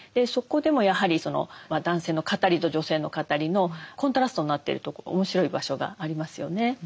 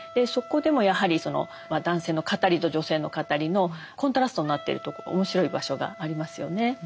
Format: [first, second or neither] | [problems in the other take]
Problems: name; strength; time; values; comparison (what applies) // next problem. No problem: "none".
first | background sound (Wind instrument, woodwind instrument); 19 dB below the speech